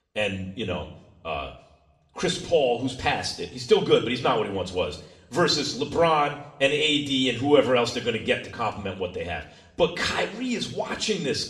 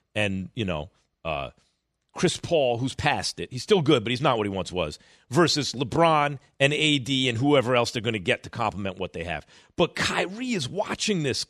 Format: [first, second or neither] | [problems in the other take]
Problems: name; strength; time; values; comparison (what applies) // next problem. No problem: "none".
second | room echo; slight; dies away in 0.6 s // off-mic speech; somewhat distant